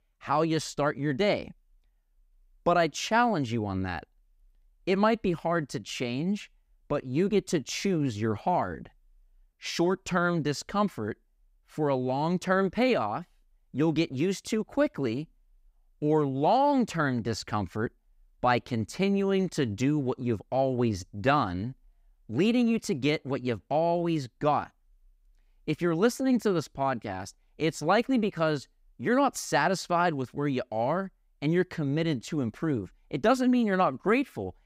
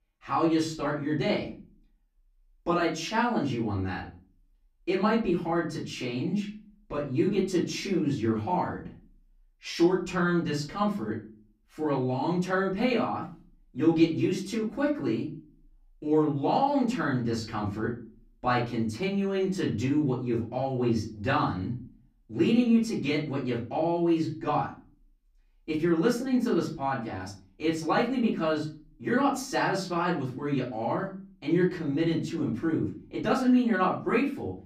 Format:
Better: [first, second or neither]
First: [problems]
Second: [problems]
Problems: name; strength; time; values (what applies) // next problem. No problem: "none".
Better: first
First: none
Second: room echo; slight; dies away in 0.3 s // off-mic speech; far